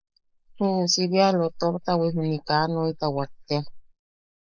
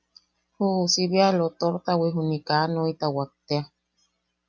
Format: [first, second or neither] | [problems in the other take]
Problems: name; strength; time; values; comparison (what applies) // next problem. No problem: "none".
second | noise reduction (neural mask model Resemble Enhance denoiser)